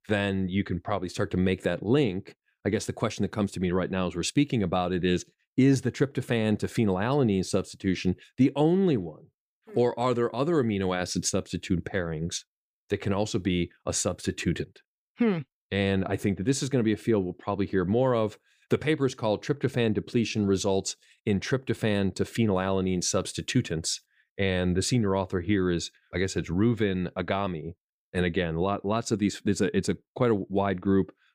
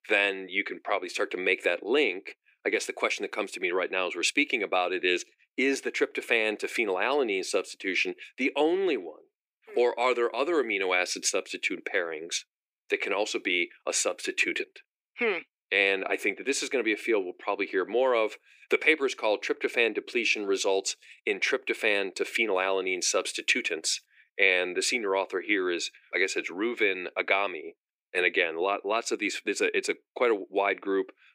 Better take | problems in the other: first | thin; very; fading below 350 Hz

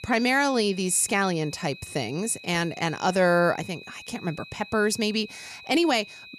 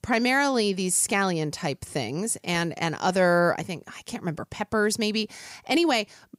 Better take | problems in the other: second | high-pitched whine; noticeable; throughout; 2.5 kHz, 20 dB below the speech

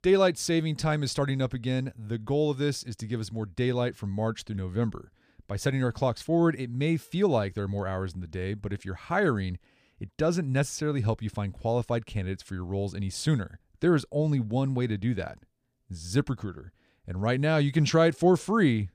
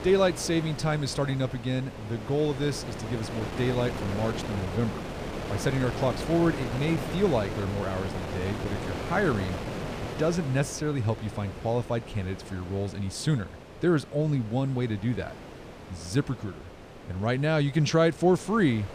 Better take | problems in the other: first | wind noise on the microphone; heavy; 8 dB below the speech

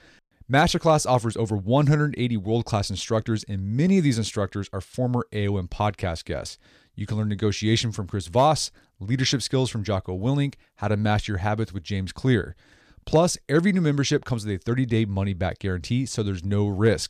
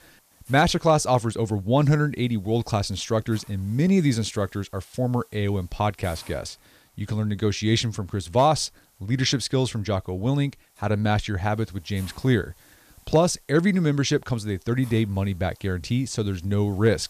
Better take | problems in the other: first | hiss; faint; throughout; 30 dB below the speech

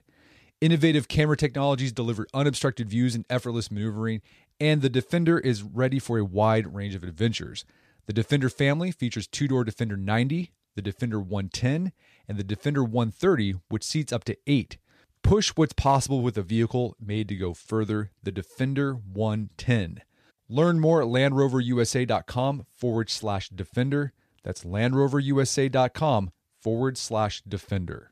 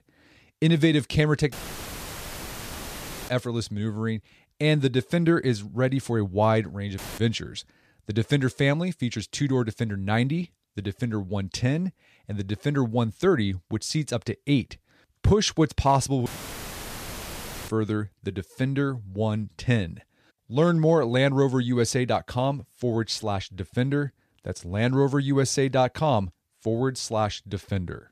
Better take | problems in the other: first | audio cutting out; filled with static; at 1.5 s for 2 s, at 7 s and at 16 s for 1.5 s

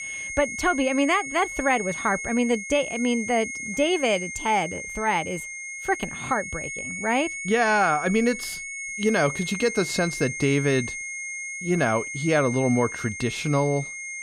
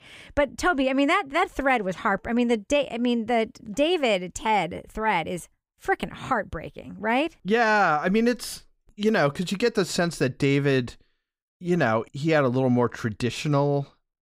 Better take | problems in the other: second | high-pitched whine; loud; throughout; 2 kHz, 7 dB below the speech

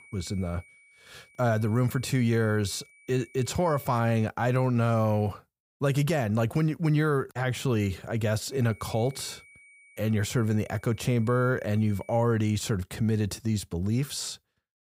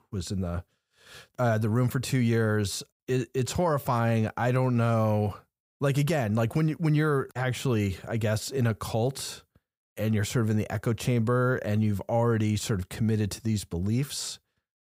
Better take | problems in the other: second | high-pitched whine; faint; until 4.5 s and from 8.5 to 12 s; 2.5 kHz, 25 dB below the speech

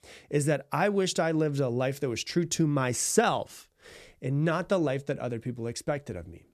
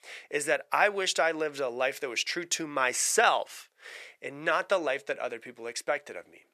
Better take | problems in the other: first | thin; very; fading below 650 Hz

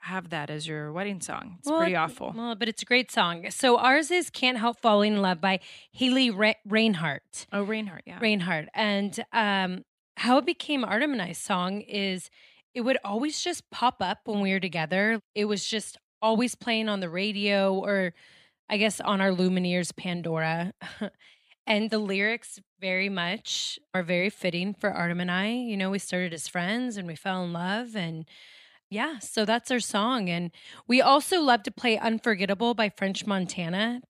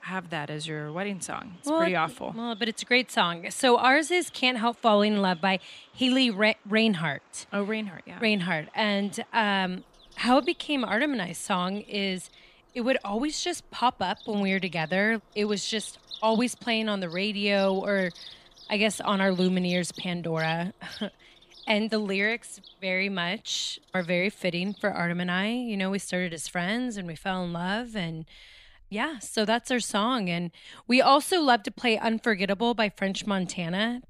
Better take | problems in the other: first | animal sounds; faint; throughout; 20 dB below the speech

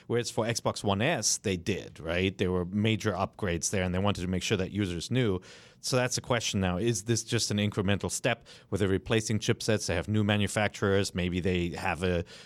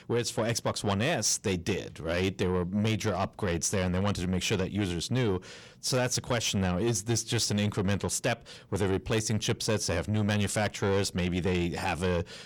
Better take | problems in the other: first | distortion; slight; 10 dB below the speech

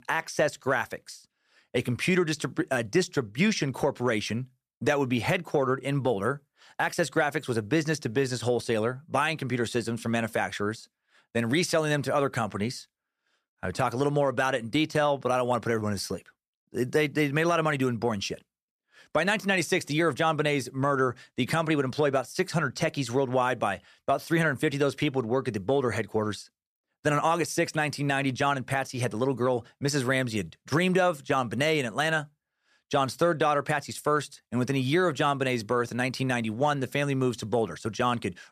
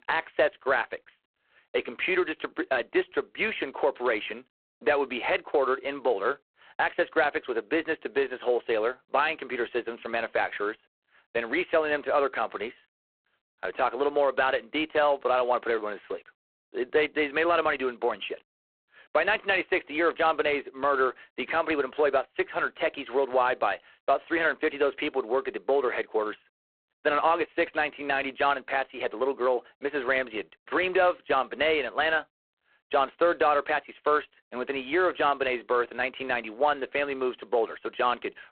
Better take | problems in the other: first | phone-call audio; poor line; nothing above 4 kHz

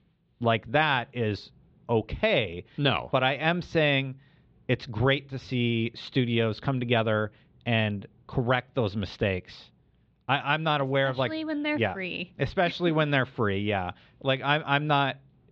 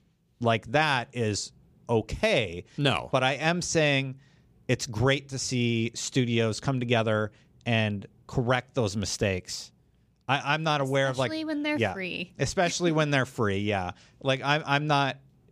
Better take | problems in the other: second | muffled; slightly; fading above 4 kHz

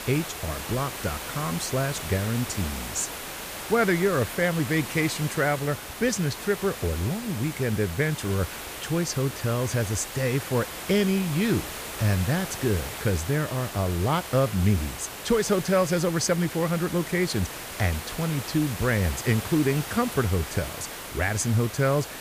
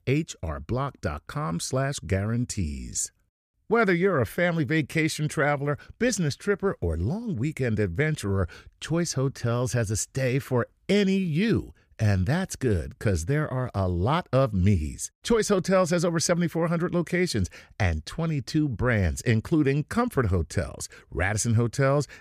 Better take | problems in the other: second | hiss; loud; throughout; 8 dB below the speech

